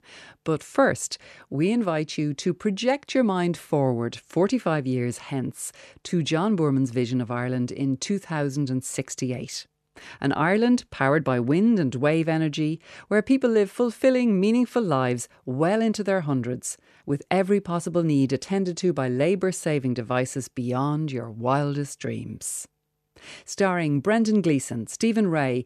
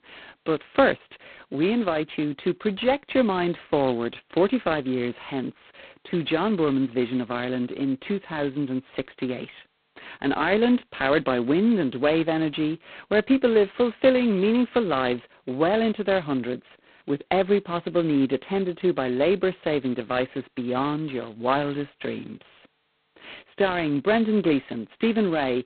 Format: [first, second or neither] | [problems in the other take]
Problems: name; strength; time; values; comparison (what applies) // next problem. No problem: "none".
first | phone-call audio; poor line; nothing above 4 kHz